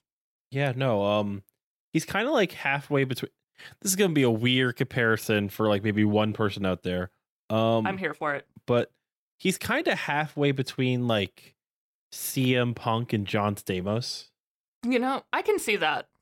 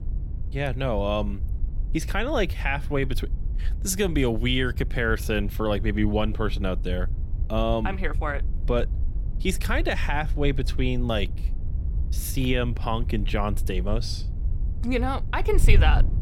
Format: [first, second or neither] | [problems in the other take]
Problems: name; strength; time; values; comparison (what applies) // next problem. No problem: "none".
first | wind noise on the microphone; occasional gusts; 20 dB below the speech